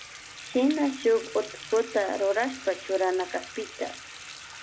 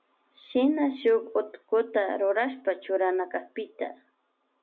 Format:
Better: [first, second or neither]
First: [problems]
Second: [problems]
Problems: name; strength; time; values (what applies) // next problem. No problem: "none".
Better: second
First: background sound (Bathtub (filling or washing) / Water tap, faucet); 14 dB below the speech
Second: none